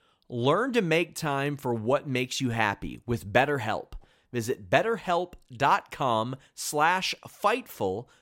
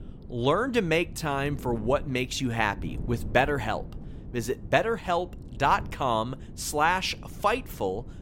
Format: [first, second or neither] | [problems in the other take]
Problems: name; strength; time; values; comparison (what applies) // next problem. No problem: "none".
first | wind noise on the microphone; occasional gusts; 25 dB below the speech